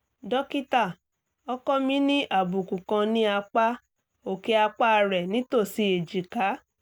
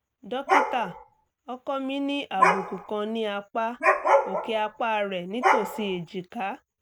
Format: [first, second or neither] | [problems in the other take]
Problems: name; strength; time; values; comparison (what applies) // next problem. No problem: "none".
first | background sound (Dog); 3 dB above the speech